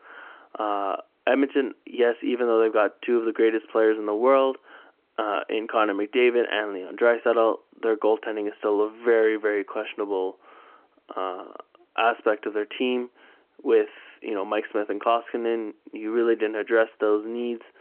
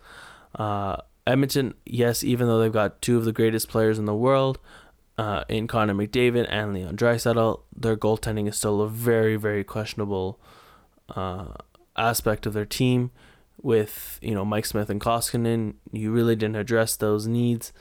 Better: second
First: phone-call audio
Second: none

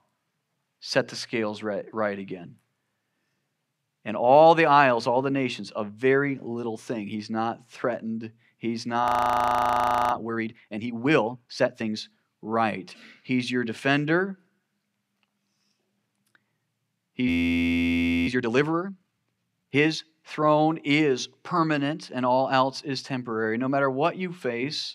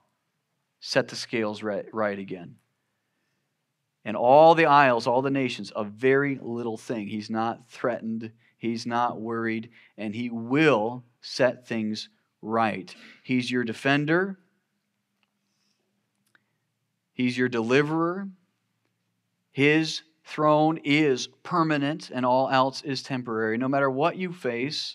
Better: second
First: audio freezing; at 9 s for 1 s and at 17 s for 1 s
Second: none

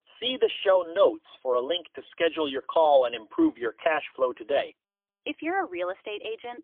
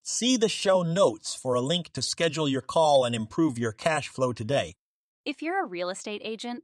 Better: second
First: phone-call audio; poor line; nothing above 3.5 kHz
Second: none

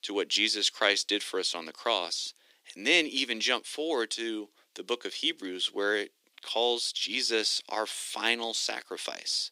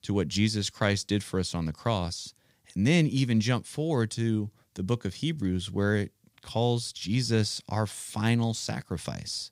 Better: second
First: thin; very; fading below 300 Hz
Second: none

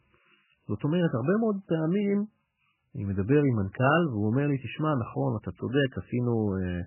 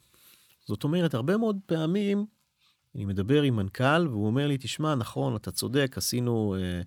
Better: second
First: garbled, watery; badly; nothing above 3 kHz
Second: none

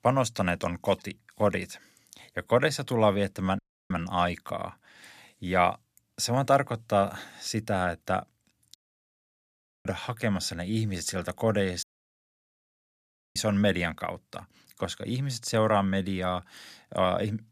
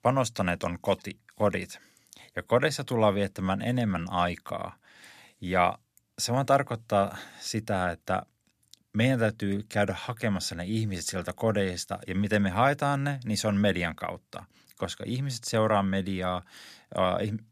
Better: second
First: audio cutting out; at 3.5 s, at 9 s for 1 s and at 12 s for 1.5 s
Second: none

